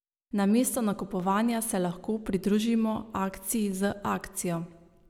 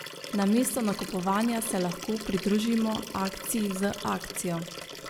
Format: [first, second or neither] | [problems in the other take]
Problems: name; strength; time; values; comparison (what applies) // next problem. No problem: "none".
first | background sound (Liquid); 11 dB below the speech